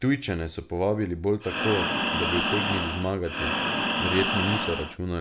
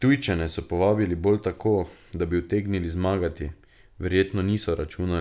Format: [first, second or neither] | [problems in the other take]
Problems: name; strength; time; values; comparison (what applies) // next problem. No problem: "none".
second | background sound (Breathing); 1 dB above the speech